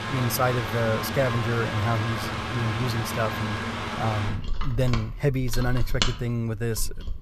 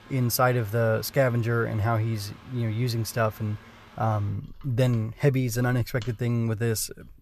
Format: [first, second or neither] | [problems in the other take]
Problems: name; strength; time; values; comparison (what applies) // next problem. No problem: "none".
second | machinery noise; loud; throughout; 3 dB below the speech; faint in the second